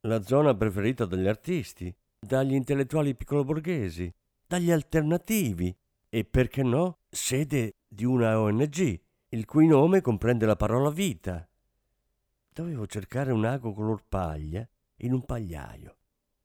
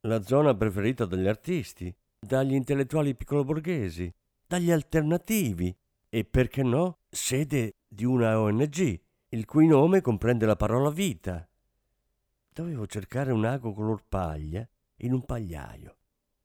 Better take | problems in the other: neither | none

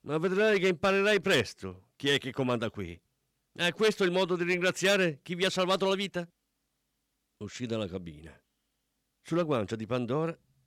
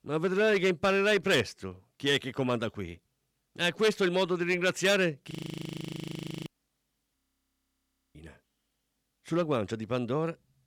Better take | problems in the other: first | audio freezing; at 5.5 s for 1 s and at 7 s for 1 s

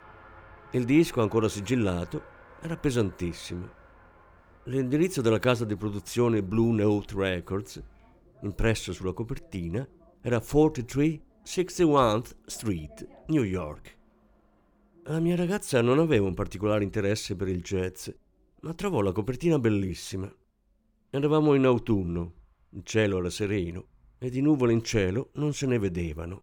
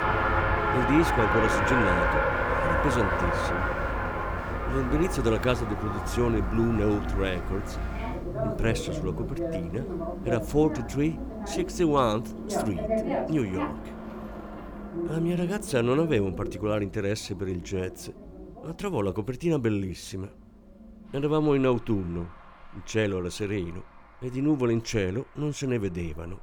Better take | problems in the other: first | traffic noise; loud; throughout; 1 dB below the speech; faint in the first

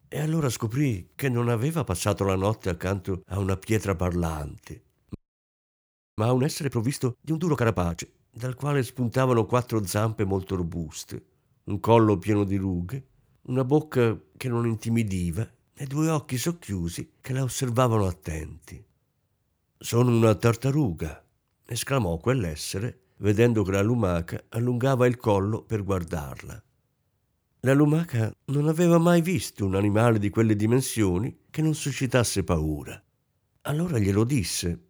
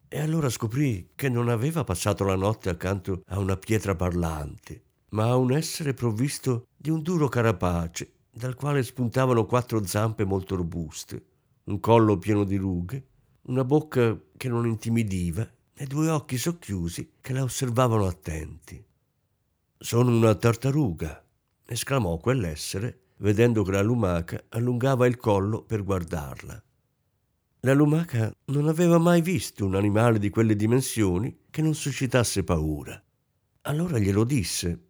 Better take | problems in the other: second | audio freezing; at 5 s for 1 s

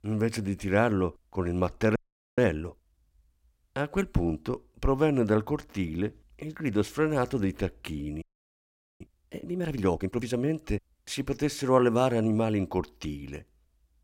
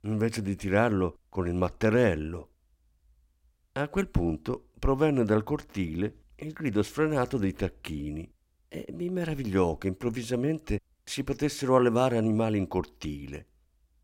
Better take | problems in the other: second | audio freezing; at 2 s and at 8 s for 1 s

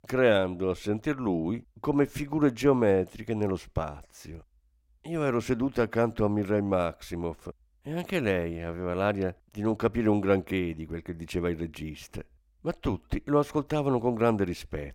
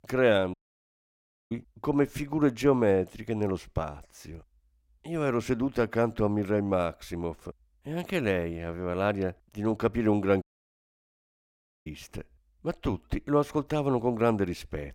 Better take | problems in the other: first | audio cutting out; at 0.5 s for 1 s and at 10 s for 1.5 s

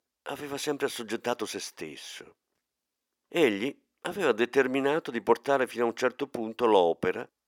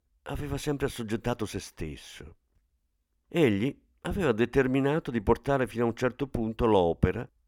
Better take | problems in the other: second | thin; somewhat; fading below 350 Hz

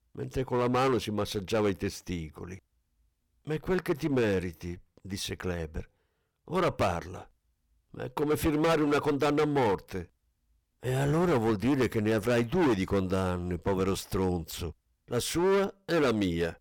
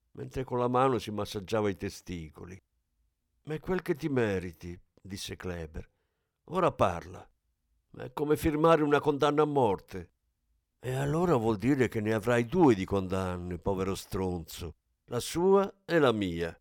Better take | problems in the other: second | distortion; heavy; 10% of the sound clipped

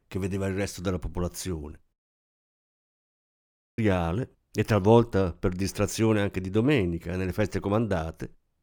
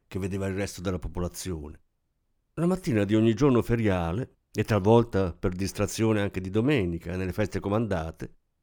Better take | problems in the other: second | audio cutting out; at 2 s for 2 s

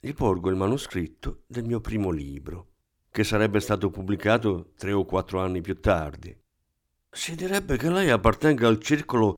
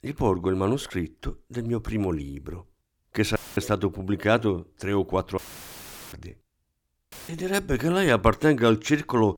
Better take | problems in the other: first | audio cutting out; filled with static; at 3.5 s, at 5.5 s for 1 s and at 7 s

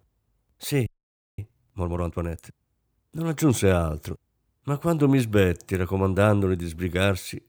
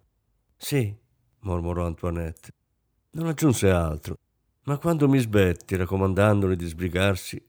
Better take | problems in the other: second | audio freezing; at 1 s for 0.5 s

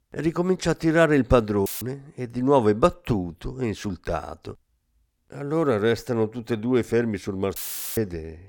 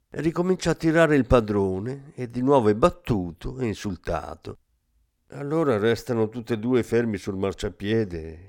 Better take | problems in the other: second | audio cutting out; filled with static; at 1.5 s and at 7.5 s

